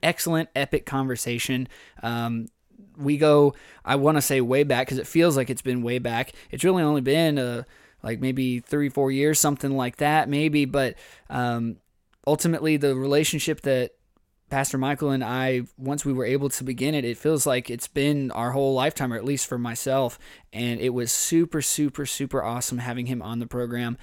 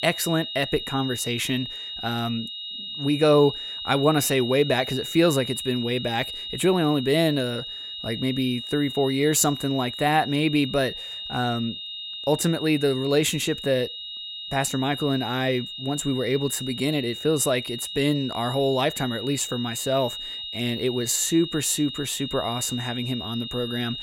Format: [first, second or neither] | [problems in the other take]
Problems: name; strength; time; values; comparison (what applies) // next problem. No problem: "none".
first | high-pitched whine; loud; throughout; 3.5 kHz, 8 dB below the speech